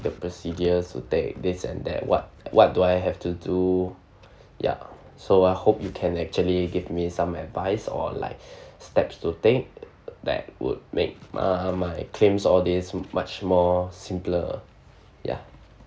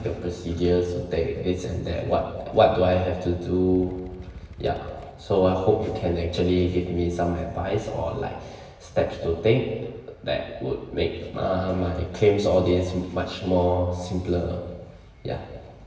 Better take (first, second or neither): first